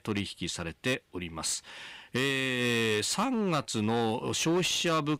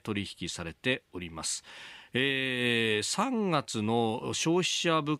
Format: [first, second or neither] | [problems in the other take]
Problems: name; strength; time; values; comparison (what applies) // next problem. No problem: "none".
second | distortion; slight; 10% of the sound clipped